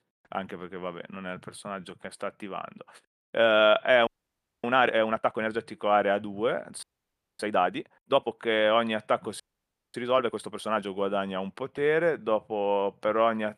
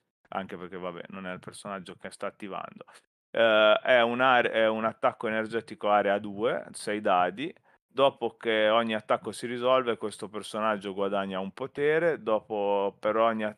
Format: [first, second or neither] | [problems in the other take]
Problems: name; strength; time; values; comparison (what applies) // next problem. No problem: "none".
second | audio freezing; at 4 s for 0.5 s, at 7 s for 0.5 s and at 9.5 s for 0.5 s